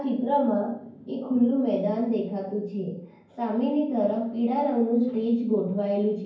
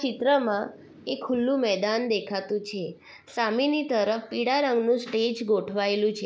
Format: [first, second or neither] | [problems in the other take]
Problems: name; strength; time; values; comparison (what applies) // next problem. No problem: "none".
second | room echo; dies away in 0.9 s